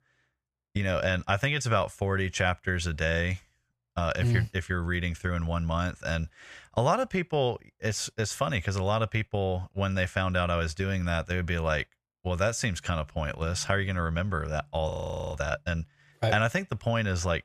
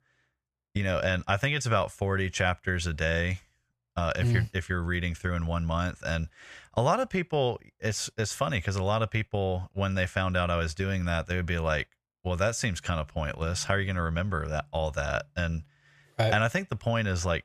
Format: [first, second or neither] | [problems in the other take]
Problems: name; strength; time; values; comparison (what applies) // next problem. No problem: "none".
second | audio freezing; at 15 s